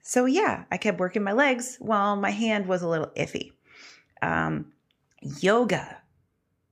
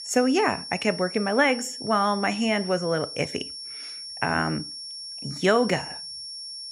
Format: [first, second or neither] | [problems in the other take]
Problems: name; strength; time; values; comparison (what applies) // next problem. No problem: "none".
first | high-pitched whine; loud; throughout; 5.5 kHz, 10 dB below the speech